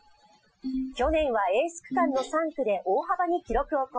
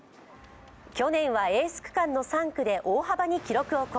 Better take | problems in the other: second | noise reduction (classical method Wiener filter)

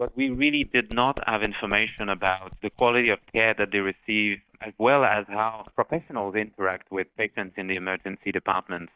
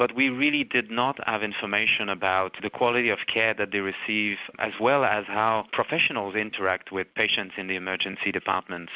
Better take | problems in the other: second | noise reduction (neural mask model DeepFilterNet 3)

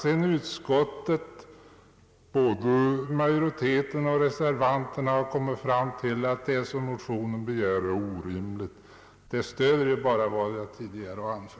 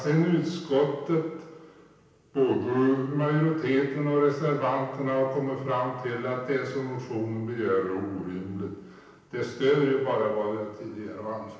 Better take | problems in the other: first | room echo; dies away in 0.9 s

